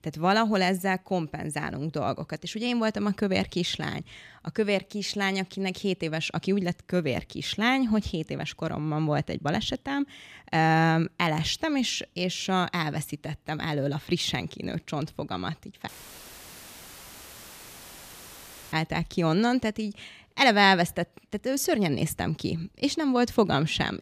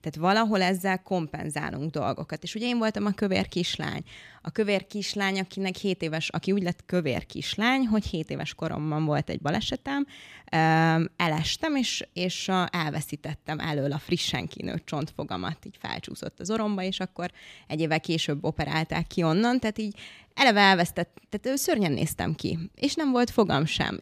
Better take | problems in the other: second | audio cutting out; filled with static; at 16 s for 3 s

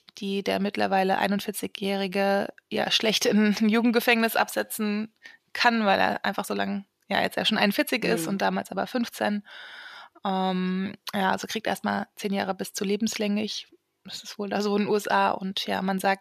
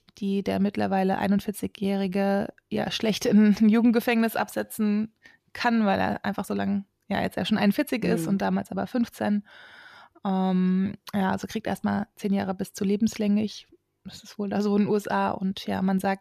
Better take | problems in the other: second | thin; very slightly; fading below 1 kHz

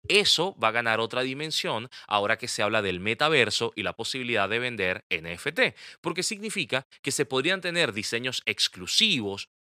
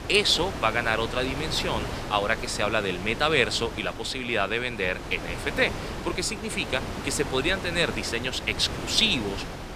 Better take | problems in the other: first | wind noise on the microphone; occasional gusts; 10 dB below the speech

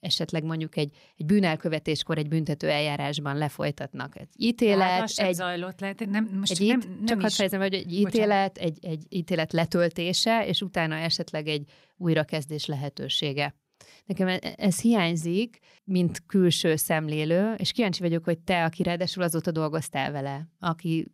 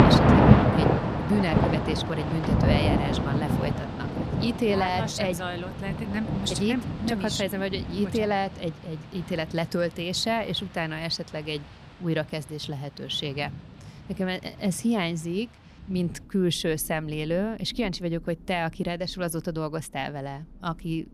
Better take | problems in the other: first | rain or running water; very loud; throughout; 4 dB above the speech

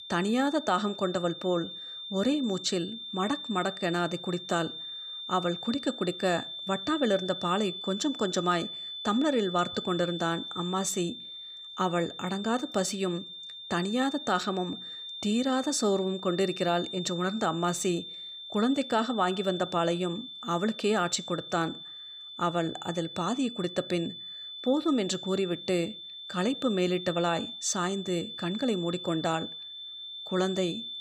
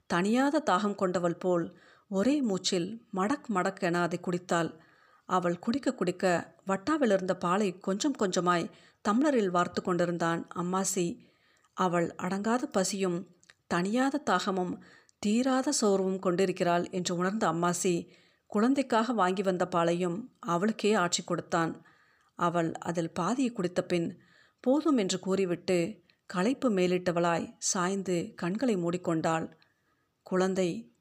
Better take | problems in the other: second | high-pitched whine; loud; throughout; 3.5 kHz, 9 dB below the speech

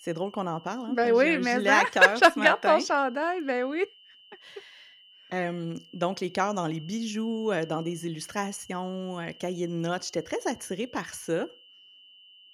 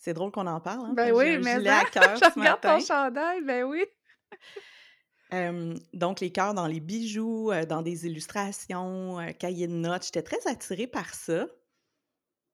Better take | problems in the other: second | high-pitched whine; faint; throughout; 3 kHz, 25 dB below the speech

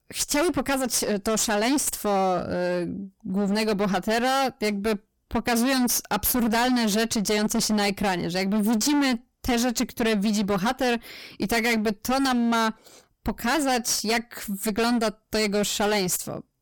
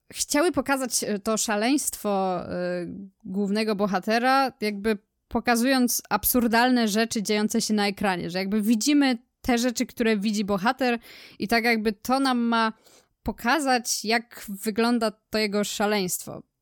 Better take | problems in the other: second | distortion; heavy; 24% of the sound clipped

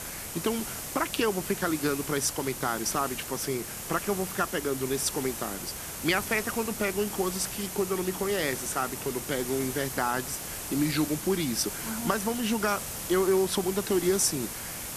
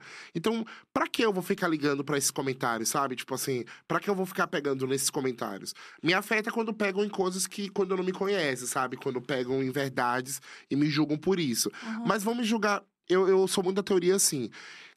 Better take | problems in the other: second | hiss; loud; throughout; 6 dB below the speech

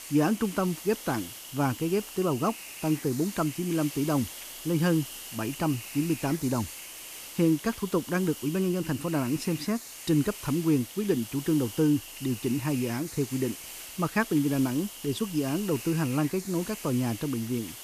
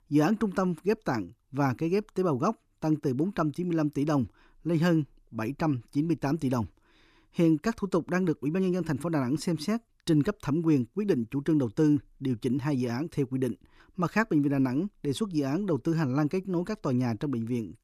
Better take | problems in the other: second | hiss; noticeable; throughout; 10 dB below the speech

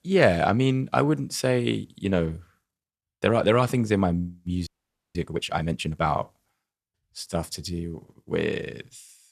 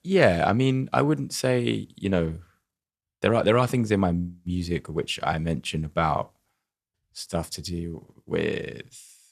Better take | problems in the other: second | audio freezing; at 4.5 s

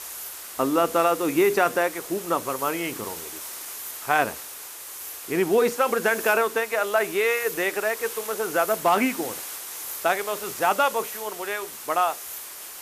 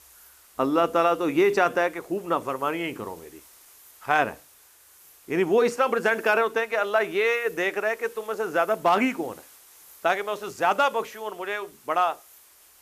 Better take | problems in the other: second | hiss; loud; throughout; 10 dB below the speech; faint in the second

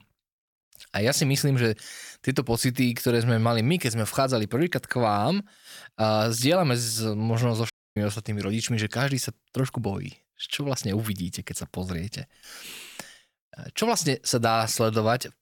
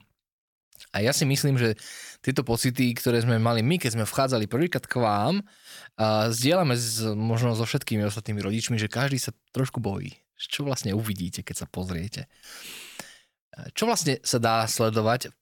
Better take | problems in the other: second | audio cutting out; at 7.5 s

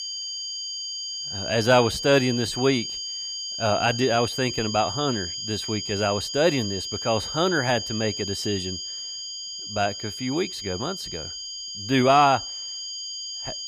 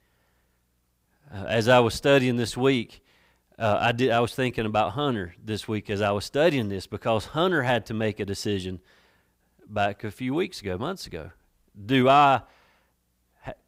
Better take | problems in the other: second | high-pitched whine; loud; throughout; 5 kHz, 6 dB below the speech

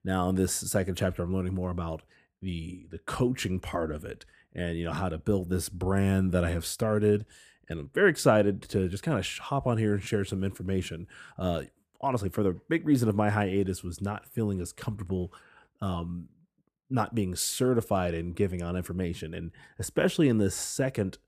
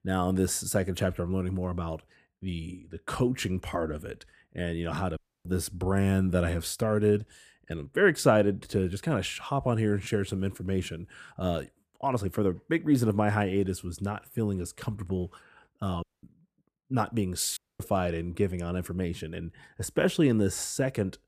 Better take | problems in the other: first | audio cutting out; at 5 s, at 16 s and at 18 s

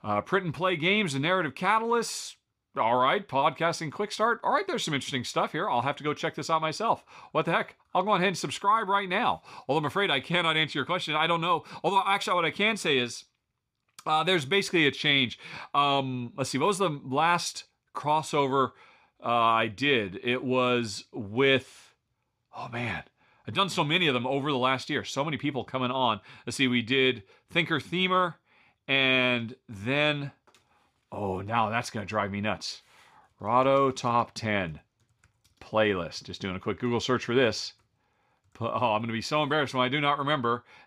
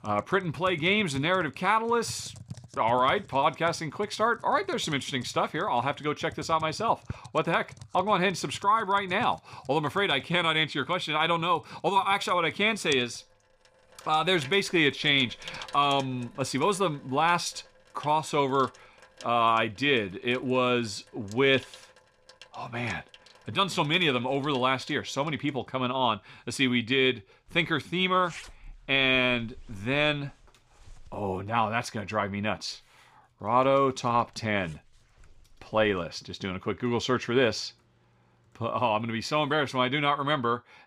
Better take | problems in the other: first | household noises; faint; throughout; 25 dB below the speech

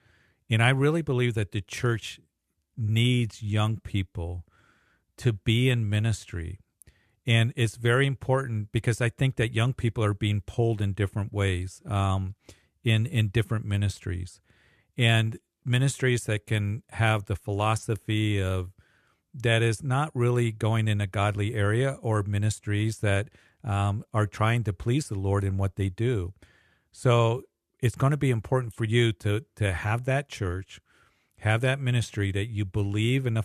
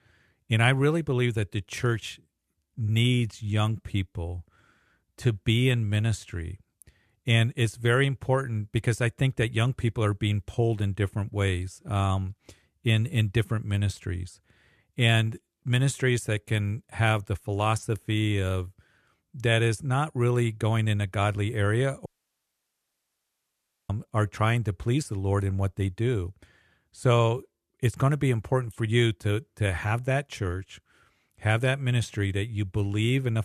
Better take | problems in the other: first | audio cutting out; at 22 s for 2 s

